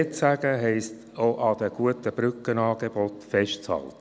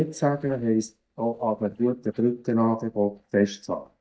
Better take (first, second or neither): first